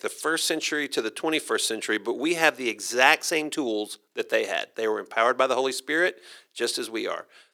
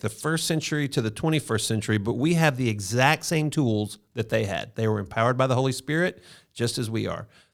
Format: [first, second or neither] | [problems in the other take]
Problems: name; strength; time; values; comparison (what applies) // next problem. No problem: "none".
second | thin; very; fading below 350 Hz